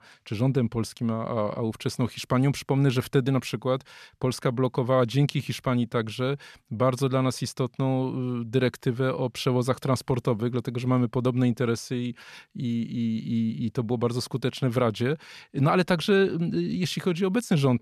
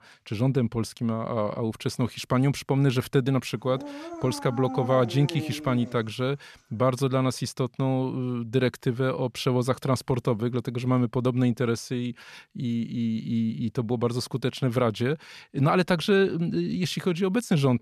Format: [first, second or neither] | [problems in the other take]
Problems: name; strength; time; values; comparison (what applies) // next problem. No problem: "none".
first | dog barking; noticeable; from 3.5 to 6 s; peak 7 dB below the speech